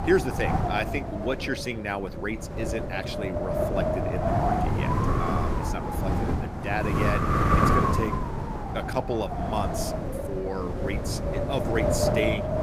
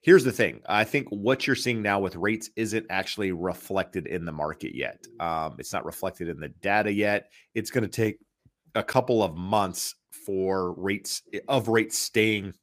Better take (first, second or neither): second